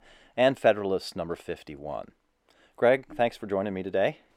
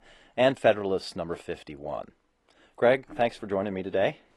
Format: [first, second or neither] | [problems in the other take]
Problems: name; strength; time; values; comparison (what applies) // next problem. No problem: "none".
first | garbled, watery; slightly; nothing above 11 kHz